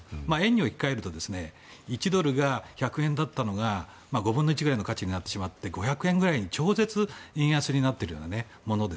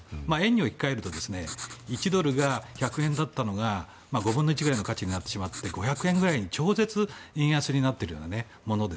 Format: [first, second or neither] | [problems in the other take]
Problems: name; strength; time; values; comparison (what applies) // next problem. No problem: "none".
first | background sound (Writing); 14 dB below the speech